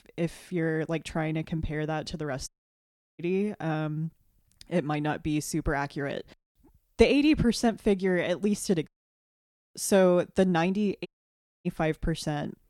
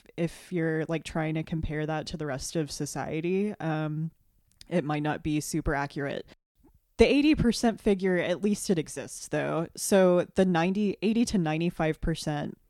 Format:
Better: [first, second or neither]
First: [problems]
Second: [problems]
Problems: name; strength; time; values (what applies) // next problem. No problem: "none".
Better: second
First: audio cutting out; at 2.5 s for 0.5 s, at 9 s for 1 s and at 11 s for 0.5 s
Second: none